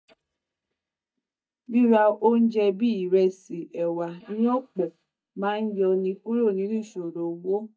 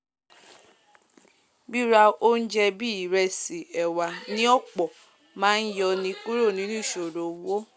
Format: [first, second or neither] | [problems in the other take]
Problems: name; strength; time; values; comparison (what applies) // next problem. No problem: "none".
second | noise reduction (neural mask model DeepFilterNet 3)